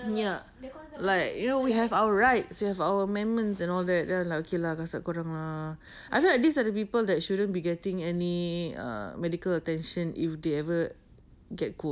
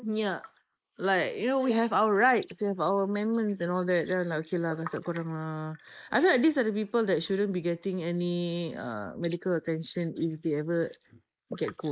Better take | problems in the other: first | noise reduction (neural mask model Resemble Enhance denoiser)

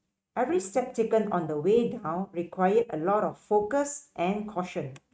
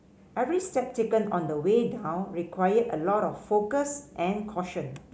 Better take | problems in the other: second | noise reduction (neural mask model RNNoise)

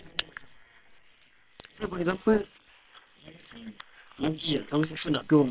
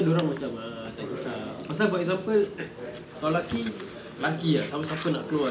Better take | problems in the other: second | noise reduction (neural separator model SepFormer WHAM!)

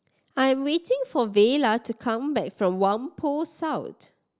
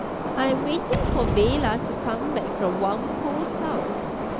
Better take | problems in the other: first | background sound (Subway, metro, underground + Gunshot, gunfire / Boom); as loud as the speech

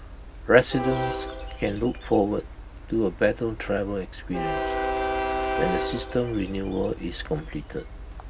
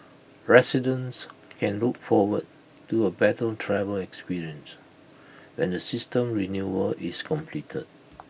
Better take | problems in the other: second | background sound (Train); 5 dB below the speech

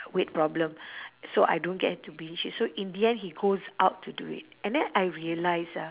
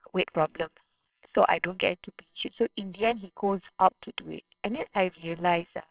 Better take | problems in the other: first | noise reduction (neural separator model SepFormer WHAMR!)

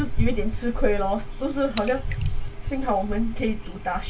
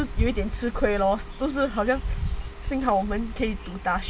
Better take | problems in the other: second | background sound (Raindrop / Splash, splatter); 16 dB below the speech // room echo; dies away in 0.2 s

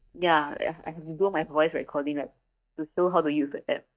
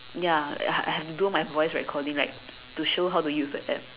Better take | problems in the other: second | noise reduction (neural mask model DeepFilterNet 3)

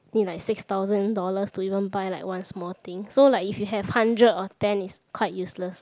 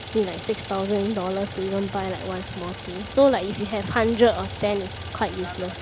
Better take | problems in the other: first | background sound (Idling); 11 dB below the speech

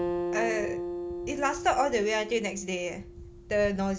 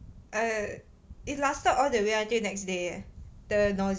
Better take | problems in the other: second | background sound (Acoustic guitar); 6 dB below the speech

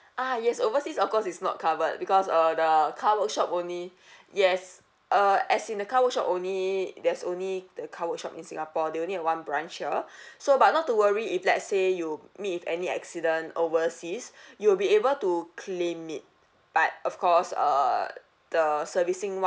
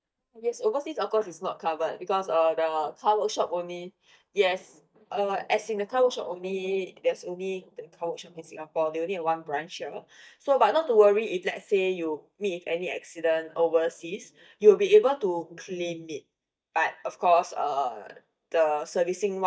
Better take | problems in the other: first | noise reduction (neural mask model DeepFilterNet 3)

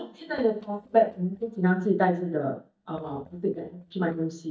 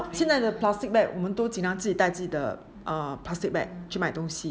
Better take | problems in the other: second | noise reduction (neural mask model DeepFilterNet 3)

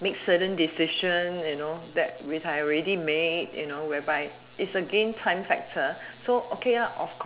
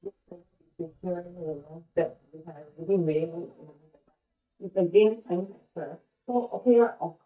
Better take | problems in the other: first | noise reduction (neural mask model DeepFilterNet 3)

